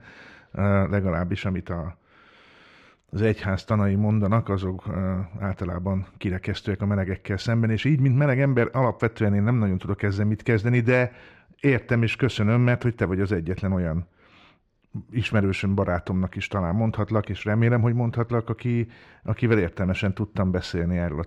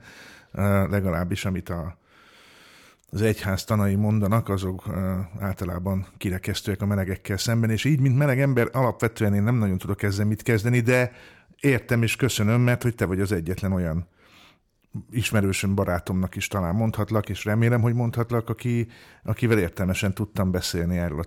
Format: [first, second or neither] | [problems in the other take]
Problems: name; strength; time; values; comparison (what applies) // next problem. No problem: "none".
second | muffled; slightly; fading above 3 kHz